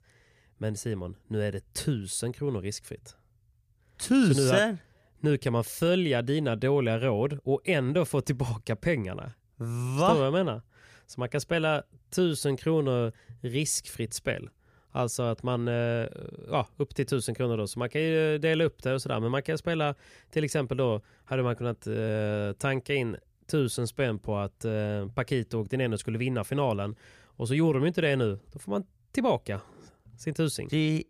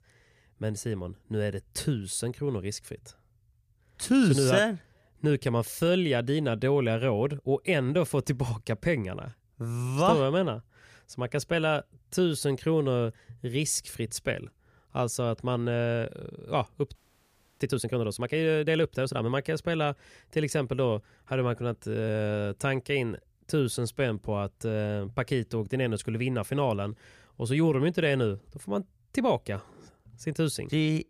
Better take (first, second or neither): first